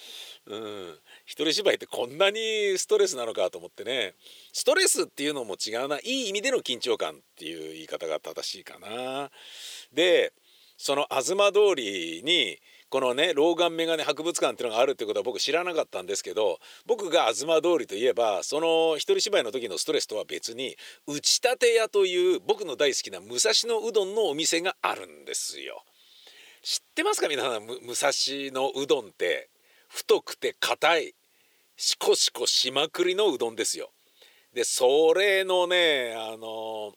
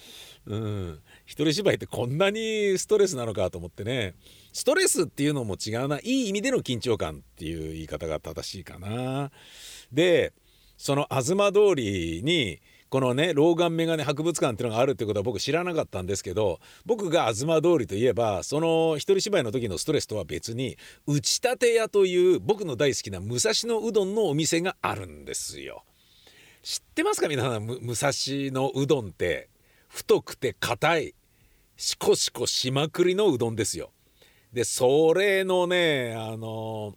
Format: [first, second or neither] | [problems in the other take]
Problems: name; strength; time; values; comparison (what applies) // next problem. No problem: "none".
second | thin; somewhat; fading below 450 Hz